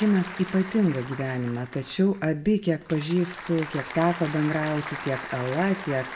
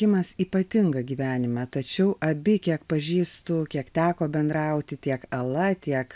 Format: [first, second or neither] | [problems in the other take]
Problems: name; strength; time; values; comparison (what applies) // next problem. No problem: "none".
second | background sound (Applause / Crowd); 13 dB below the speech // room echo; dies away in 0.5 s